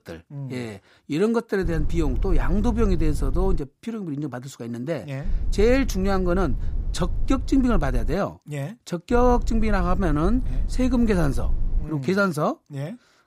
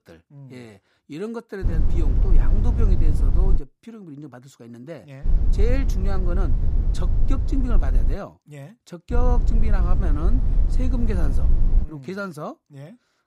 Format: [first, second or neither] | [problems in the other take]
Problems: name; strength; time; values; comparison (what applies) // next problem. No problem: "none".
first | low rumble; loud; from 1.5 to 3.5 s, from 5.5 to 8 s and from 9 to 12 s; 6 dB below the speech; faint in the first